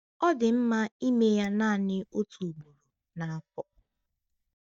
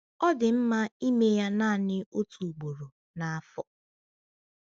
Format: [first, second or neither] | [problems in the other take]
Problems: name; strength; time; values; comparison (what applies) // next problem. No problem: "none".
second | noise reduction (neural mask model DeepFilterNet 3)